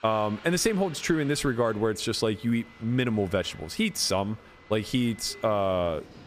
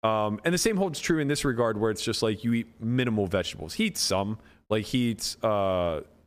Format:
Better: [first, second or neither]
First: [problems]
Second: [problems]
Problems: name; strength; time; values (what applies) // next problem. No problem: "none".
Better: second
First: crowd noise; faint; throughout; 20 dB below the speech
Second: none